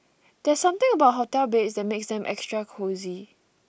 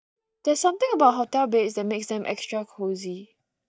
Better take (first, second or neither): first